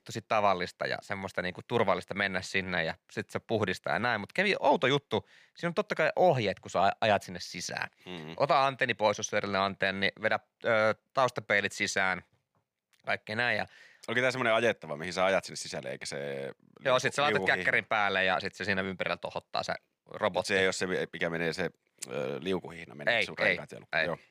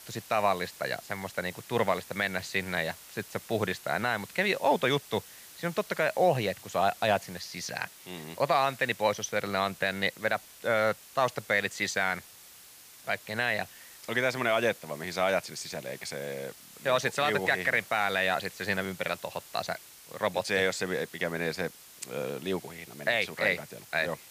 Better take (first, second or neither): first